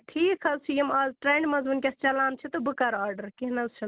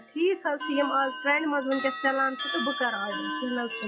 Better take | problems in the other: first | noise reduction (classical method log-MMSE)

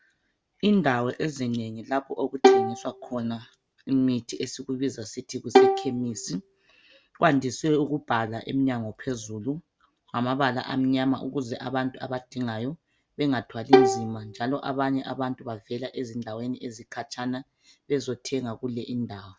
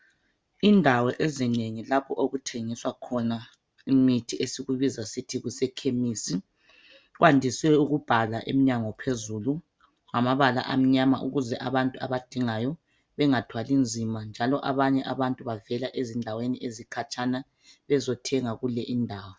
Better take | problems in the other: second | background sound (Bowed string instrument); 5 dB above the speech

